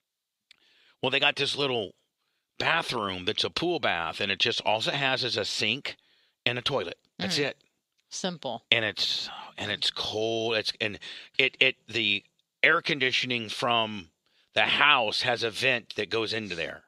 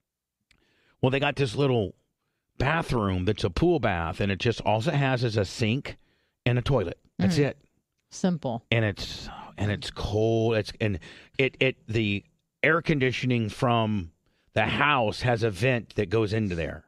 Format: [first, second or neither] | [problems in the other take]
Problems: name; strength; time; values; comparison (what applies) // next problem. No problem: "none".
second | thin; somewhat; fading below 750 Hz